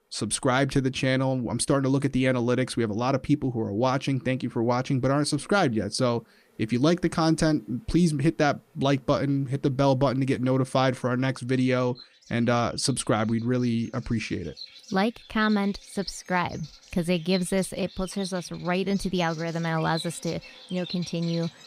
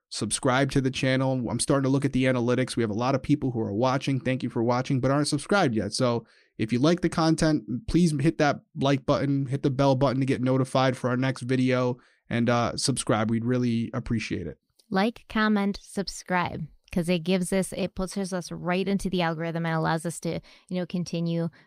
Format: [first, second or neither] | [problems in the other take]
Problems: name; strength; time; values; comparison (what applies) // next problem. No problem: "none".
second | animal sounds; noticeable; throughout; 15 dB below the speech